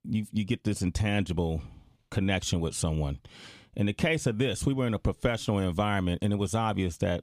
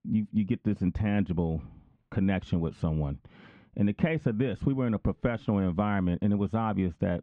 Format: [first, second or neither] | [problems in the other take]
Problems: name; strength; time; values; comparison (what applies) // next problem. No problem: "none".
first | muffled; very; fading above 1.5 kHz